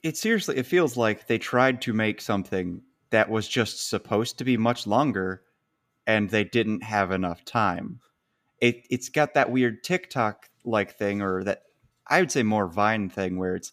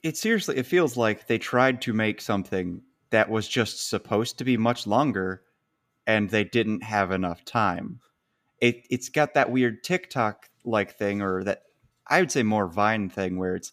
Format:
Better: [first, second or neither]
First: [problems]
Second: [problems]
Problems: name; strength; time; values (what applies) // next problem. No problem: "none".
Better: neither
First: none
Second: none